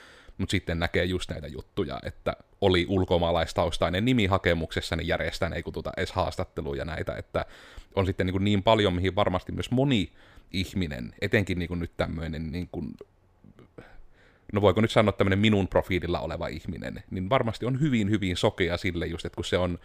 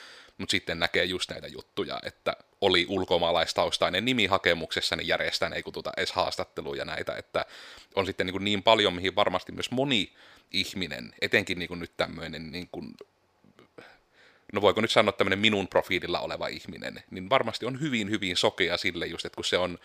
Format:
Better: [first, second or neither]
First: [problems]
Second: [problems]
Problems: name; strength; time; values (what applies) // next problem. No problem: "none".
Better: first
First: none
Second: thin; very slightly; fading below 950 Hz